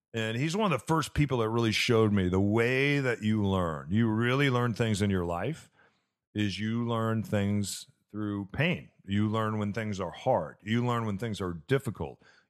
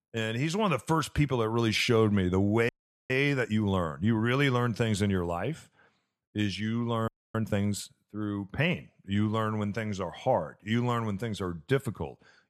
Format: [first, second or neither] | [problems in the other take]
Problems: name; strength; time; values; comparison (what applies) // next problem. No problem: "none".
first | audio freezing; at 2.5 s and at 7 s